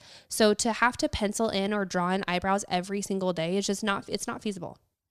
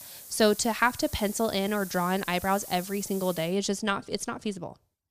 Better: first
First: none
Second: hiss; noticeable; until 3.5 s; 15 dB below the speech

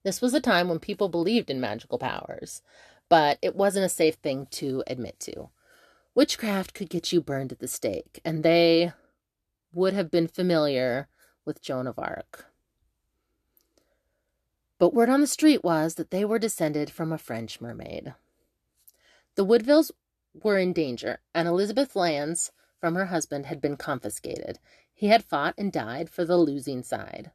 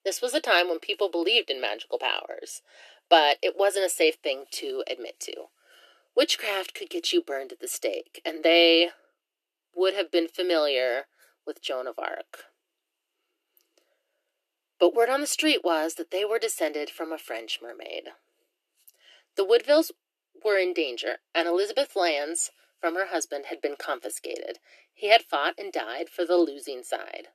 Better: first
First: none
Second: thin; very; fading below 350 Hz

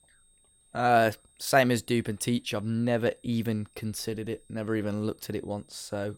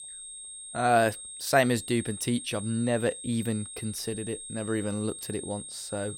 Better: first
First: high-pitched whine; faint; throughout; 8.5 kHz, 30 dB below the speech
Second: high-pitched whine; loud; throughout; 8.5 kHz, 10 dB below the speech

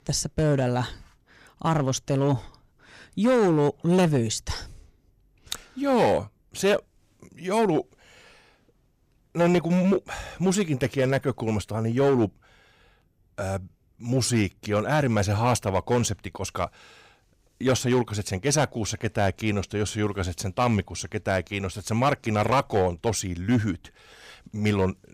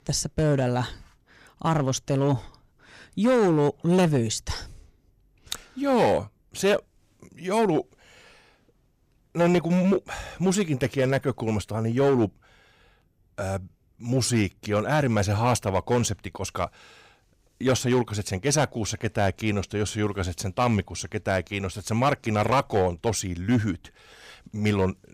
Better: neither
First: distortion; slight; 4% of the sound clipped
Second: distortion; slight; 4% of the sound clipped

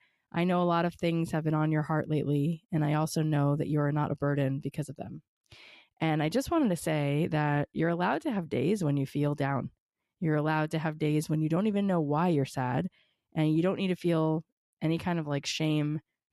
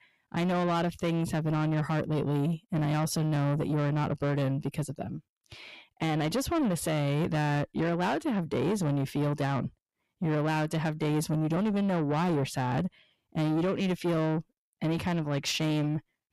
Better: first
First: none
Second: distortion; slight; 10 dB below the speech

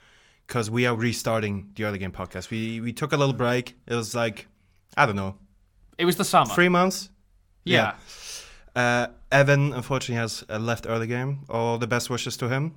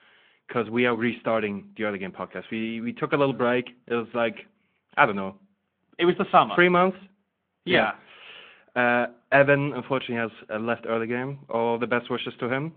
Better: first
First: none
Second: phone-call audio

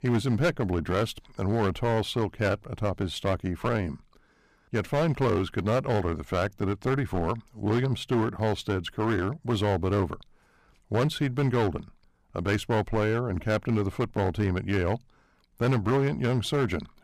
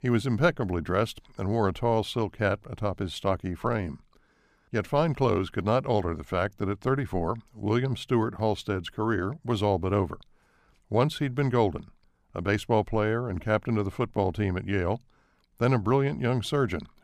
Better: second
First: distortion; slight; 8% of the sound clipped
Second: none

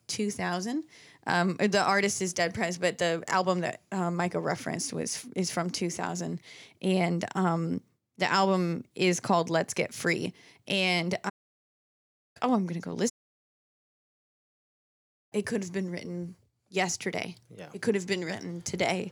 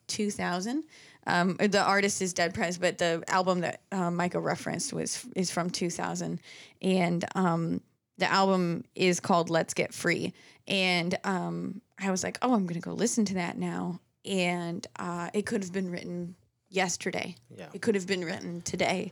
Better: second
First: audio cutting out; at 11 s for 1 s and at 13 s for 2 s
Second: none

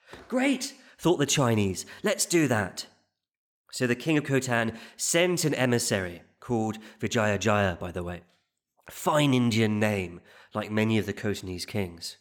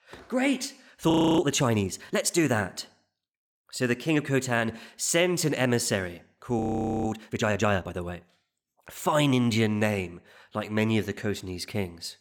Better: first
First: none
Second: audio freezing; at 1 s and at 6.5 s

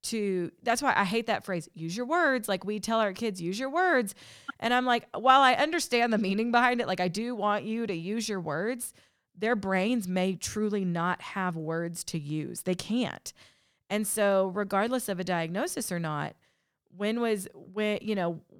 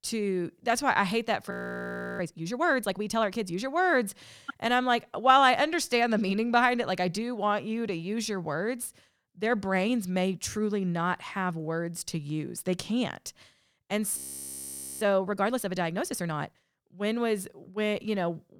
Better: first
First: none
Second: audio freezing; at 1.5 s for 0.5 s and at 14 s for 1 s

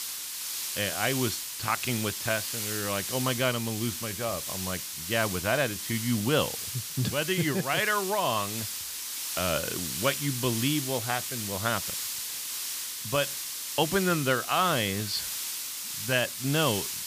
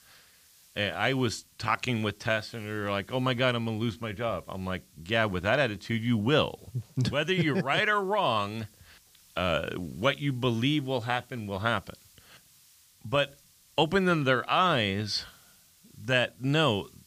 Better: second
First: hiss; loud; throughout; 3 dB below the speech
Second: hiss; faint; throughout; 30 dB below the speech

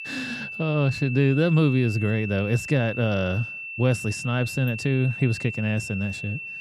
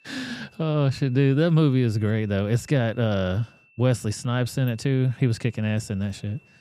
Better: second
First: high-pitched whine; loud; throughout; 2.5 kHz, 8 dB below the speech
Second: high-pitched whine; faint; throughout; 2.5 kHz, 30 dB below the speech

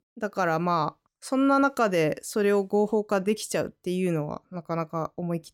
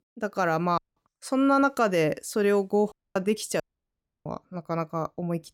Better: first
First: none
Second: audio cutting out; at 1 s, at 3 s and at 3.5 s for 0.5 s

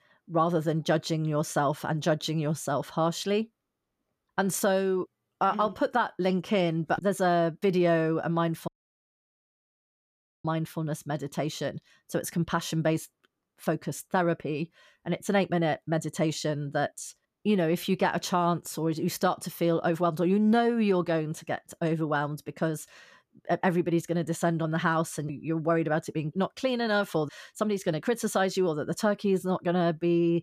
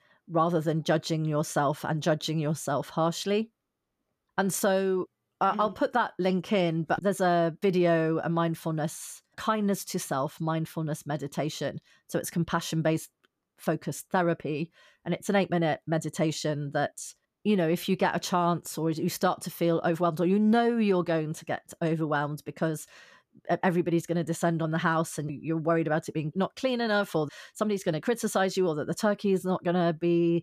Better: second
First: audio cutting out; at 8.5 s for 2 s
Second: none

